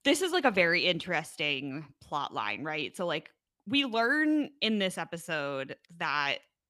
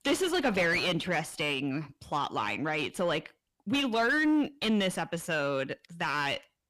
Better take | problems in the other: first | distortion; heavy; 7 dB below the speech

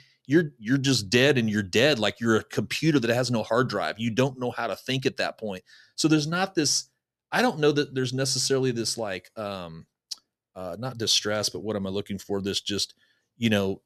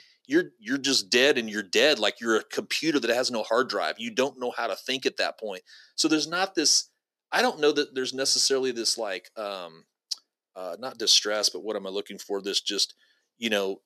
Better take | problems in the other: first | thin; somewhat; fading below 300 Hz

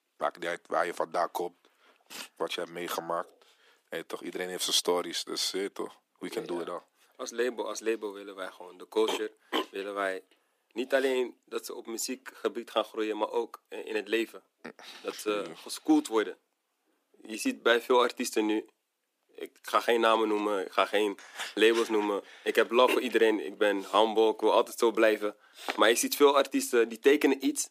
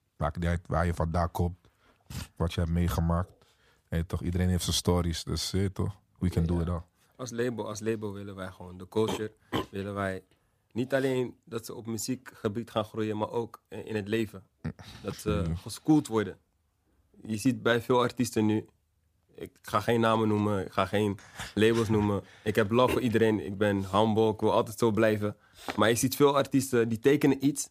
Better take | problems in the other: second | thin; somewhat; fading below 300 Hz

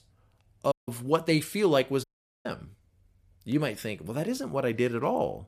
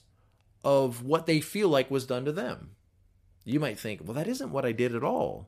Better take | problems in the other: second | audio cutting out; at 0.5 s and at 2 s

